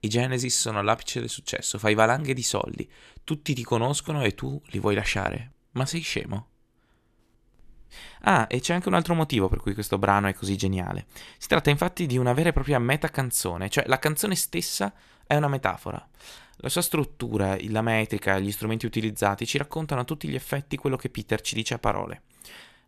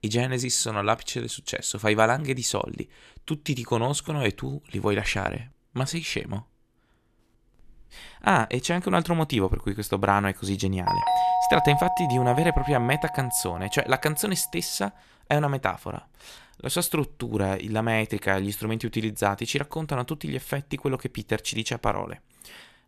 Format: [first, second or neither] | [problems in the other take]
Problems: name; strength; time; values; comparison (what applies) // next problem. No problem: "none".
first | doorbell; loud; from 11 to 14 s; peak 4 dB above the speech